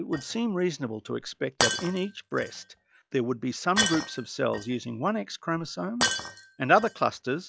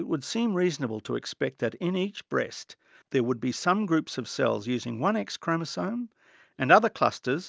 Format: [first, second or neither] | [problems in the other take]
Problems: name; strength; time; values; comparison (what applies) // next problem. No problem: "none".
second | noise reduction (classical method log-MMSE)